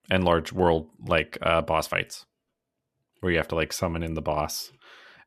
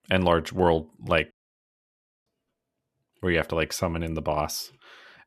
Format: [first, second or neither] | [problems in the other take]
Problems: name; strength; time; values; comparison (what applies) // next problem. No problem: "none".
first | audio cutting out; at 1.5 s for 1 s